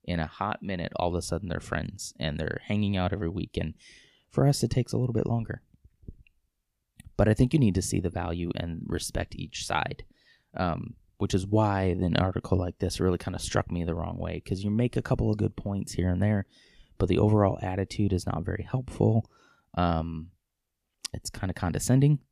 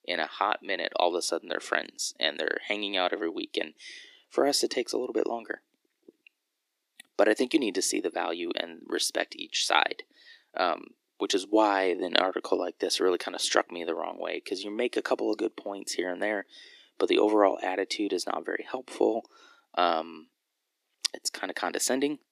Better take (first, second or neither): first